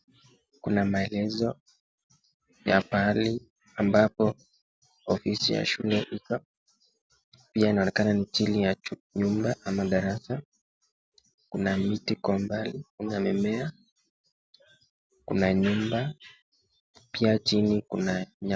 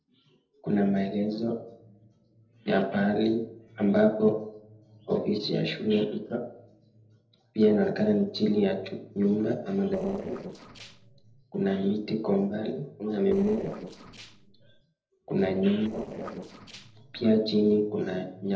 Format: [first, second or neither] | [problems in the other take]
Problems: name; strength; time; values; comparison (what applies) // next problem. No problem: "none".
first | noise reduction (neural separator model SepFormer DNS4)